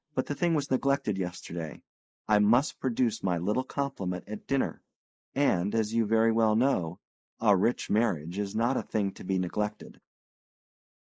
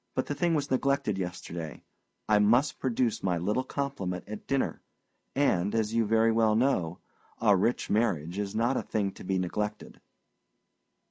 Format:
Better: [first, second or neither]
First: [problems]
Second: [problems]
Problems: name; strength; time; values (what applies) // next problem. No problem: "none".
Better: second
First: noise reduction (neural mask model Resemble Enhance denoiser)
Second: none